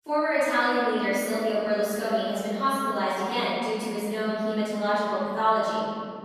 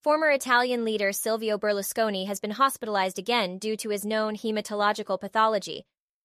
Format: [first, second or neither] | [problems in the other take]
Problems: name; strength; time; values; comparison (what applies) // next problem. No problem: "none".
second | room echo; strong; dies away in 3 s // off-mic speech; far